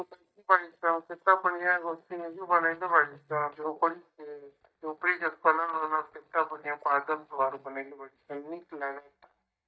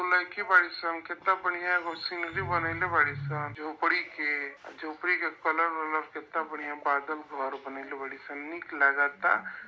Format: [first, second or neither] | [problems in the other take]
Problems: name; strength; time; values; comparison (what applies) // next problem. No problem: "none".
second | noise reduction (neural mask model DeepFilterNet 3)